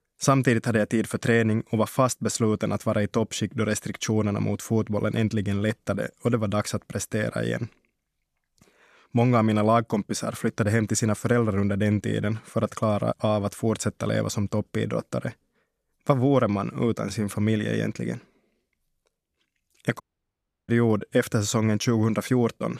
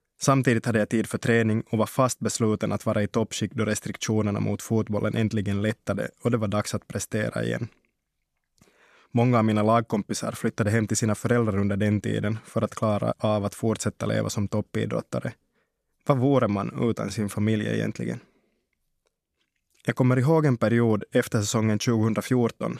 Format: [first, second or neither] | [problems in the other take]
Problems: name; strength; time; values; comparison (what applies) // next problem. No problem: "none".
second | audio cutting out; at 20 s for 0.5 s